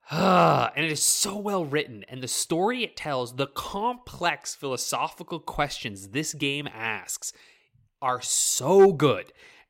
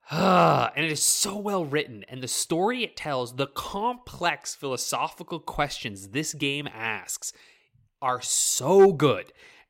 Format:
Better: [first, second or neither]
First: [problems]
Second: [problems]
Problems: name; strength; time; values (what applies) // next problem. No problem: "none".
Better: neither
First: none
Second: none